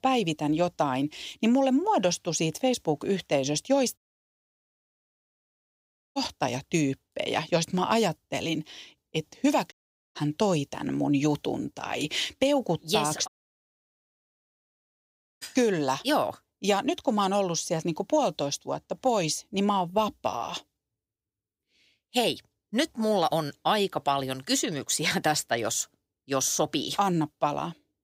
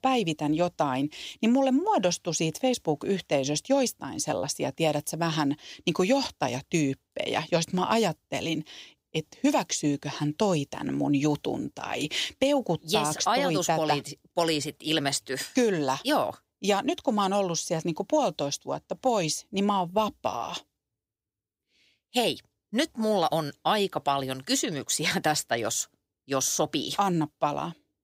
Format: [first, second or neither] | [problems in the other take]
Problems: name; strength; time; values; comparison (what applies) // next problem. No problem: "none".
second | audio cutting out; at 4 s for 2 s, at 9.5 s and at 13 s for 2 s